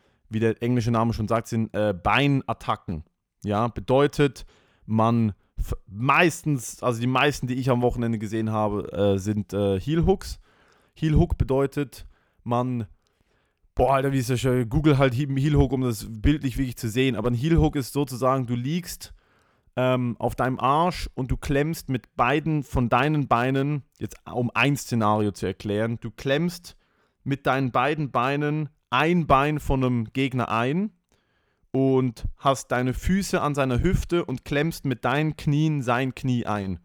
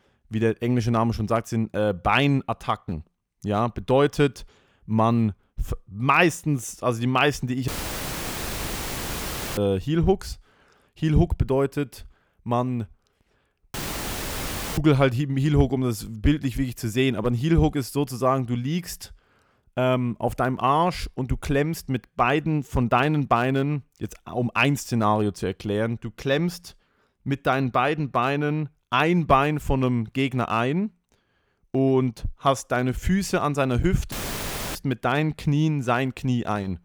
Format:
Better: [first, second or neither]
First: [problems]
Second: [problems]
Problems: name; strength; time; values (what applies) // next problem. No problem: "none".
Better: first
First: none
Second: audio cutting out; filled with static; at 7.5 s for 2 s, at 14 s for 1 s and at 34 s for 0.5 s